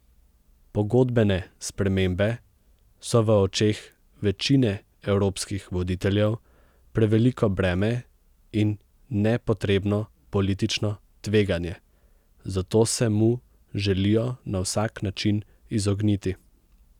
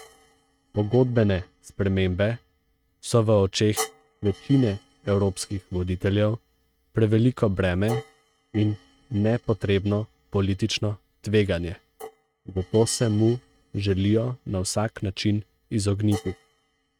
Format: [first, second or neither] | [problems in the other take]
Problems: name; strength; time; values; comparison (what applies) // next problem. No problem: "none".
first | noise reduction (neural mask model RNNoise)